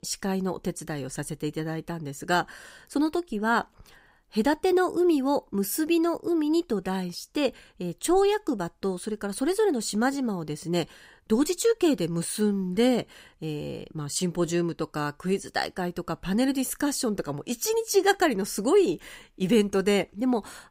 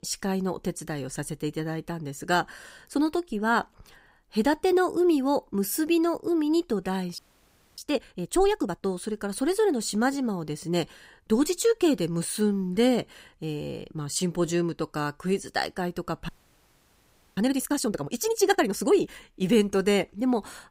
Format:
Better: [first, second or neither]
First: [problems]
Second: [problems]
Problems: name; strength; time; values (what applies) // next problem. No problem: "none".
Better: first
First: none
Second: audio freezing; at 7 s for 0.5 s and at 16 s for 1 s